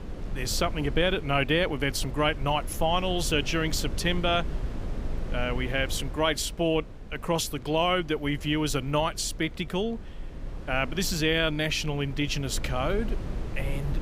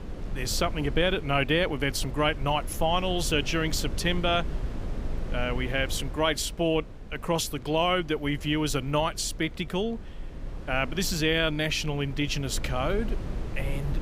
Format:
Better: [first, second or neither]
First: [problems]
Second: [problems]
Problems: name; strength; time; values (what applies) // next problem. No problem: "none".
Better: neither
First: wind noise on the microphone; occasional gusts; 20 dB below the speech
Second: wind noise on the microphone; occasional gusts; 20 dB below the speech